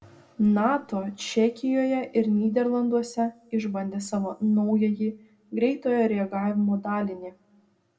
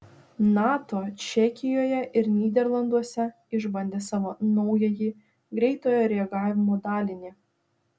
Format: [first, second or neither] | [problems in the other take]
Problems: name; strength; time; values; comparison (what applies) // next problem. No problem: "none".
second | room echo; dies away in 0.4 s